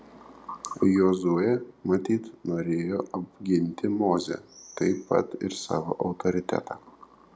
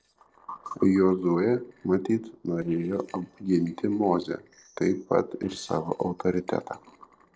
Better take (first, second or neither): first